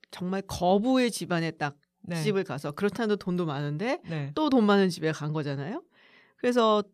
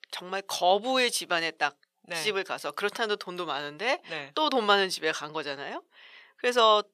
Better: first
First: none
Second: thin; very; fading below 600 Hz

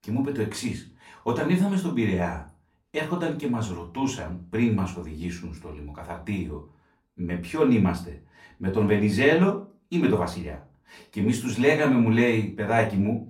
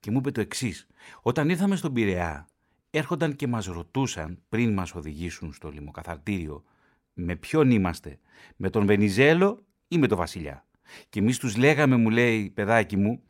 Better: second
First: off-mic speech; far // room echo; very slight; dies away in 0.3 s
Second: none

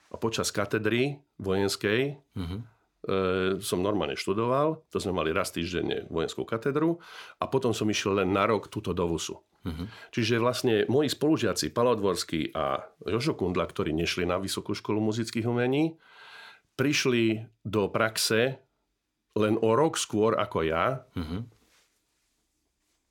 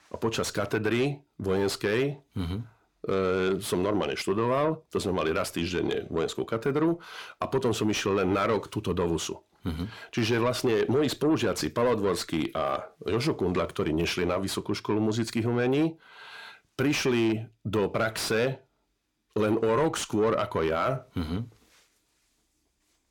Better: first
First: none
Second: distortion; slight; 10 dB below the speech

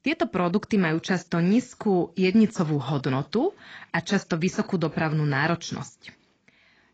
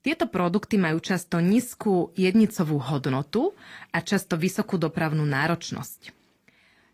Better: second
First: garbled, watery; badly; nothing above 7.5 kHz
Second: garbled, watery; slightly

